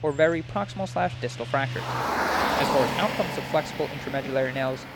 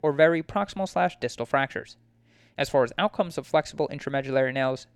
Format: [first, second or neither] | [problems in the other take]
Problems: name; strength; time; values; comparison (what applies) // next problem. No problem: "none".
second | traffic noise; loud; throughout; 2 dB below the speech